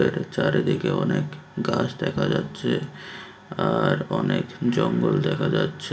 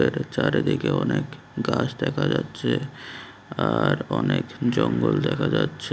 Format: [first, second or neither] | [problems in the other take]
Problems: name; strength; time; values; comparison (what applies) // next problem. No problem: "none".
second | background sound (Bowed string instrument); 19 dB below the speech // room echo; dies away in 0.3 s